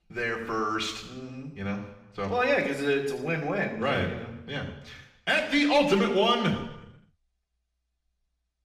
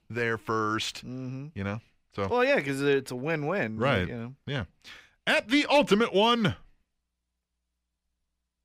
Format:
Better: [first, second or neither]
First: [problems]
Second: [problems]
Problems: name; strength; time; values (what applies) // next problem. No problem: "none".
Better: second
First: room echo; slight; dies away in 0.8 s // off-mic speech; far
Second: none